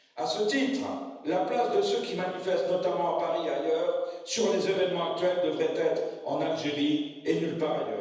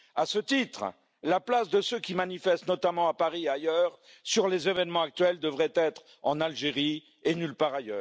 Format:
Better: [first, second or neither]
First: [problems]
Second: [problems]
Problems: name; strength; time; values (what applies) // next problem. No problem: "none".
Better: second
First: room echo; dies away in 1.1 s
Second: none